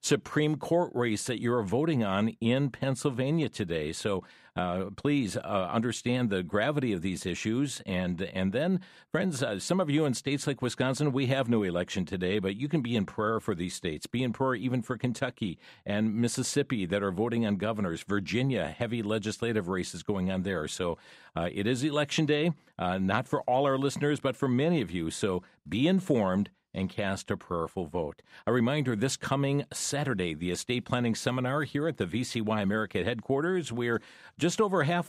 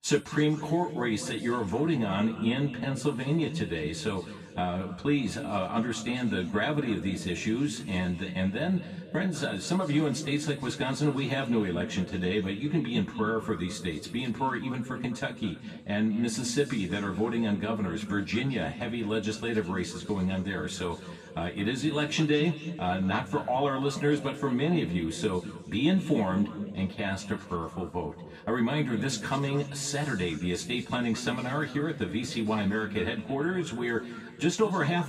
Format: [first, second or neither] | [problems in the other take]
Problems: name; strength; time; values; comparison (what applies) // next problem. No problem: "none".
first | room echo; slight; dies away in 1.9 s // off-mic speech; somewhat distant